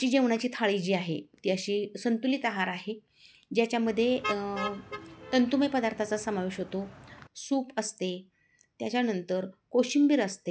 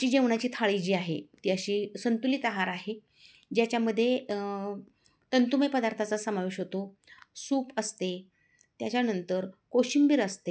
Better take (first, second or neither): second